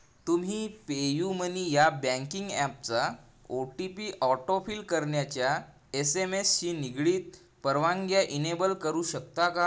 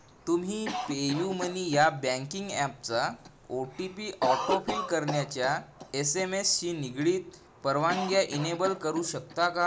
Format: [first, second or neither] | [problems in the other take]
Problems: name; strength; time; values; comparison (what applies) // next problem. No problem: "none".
first | background sound (Cough); 10 dB below the speech